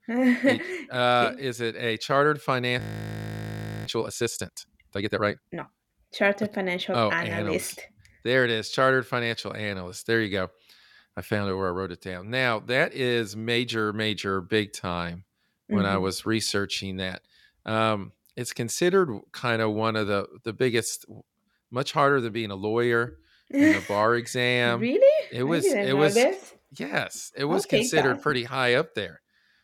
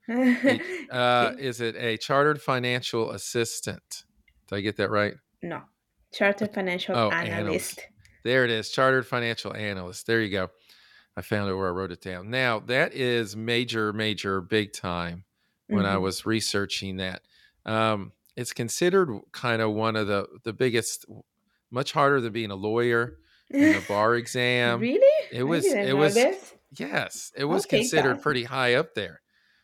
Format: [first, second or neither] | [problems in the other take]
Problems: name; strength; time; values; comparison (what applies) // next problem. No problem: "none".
second | audio freezing; at 3 s for 1 s